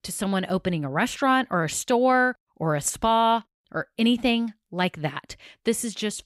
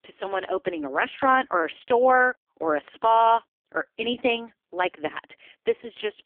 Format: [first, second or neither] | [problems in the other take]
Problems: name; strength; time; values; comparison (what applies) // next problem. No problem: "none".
first | phone-call audio; poor line; nothing above 3.5 kHz